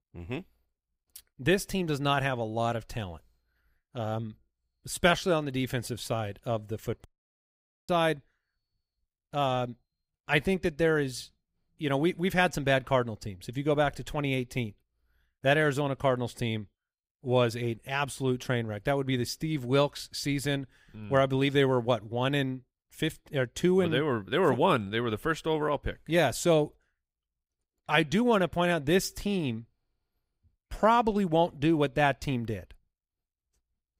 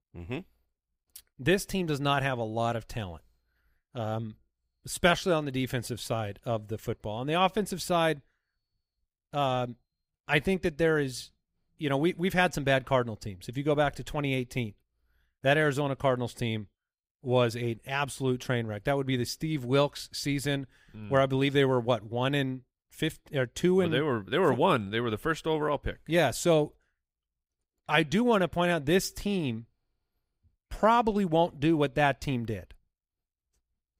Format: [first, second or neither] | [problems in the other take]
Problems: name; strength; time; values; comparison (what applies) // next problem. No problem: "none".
second | audio cutting out; at 7 s for 1 s